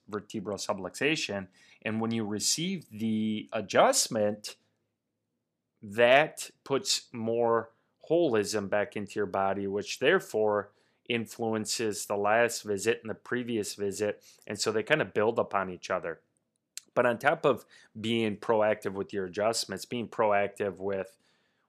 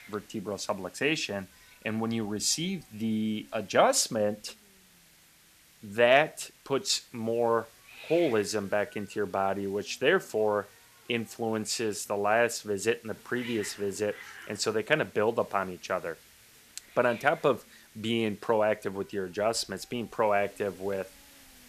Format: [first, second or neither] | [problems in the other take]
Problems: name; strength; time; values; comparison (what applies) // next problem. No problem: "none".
first | hiss; faint; throughout; 20 dB below the speech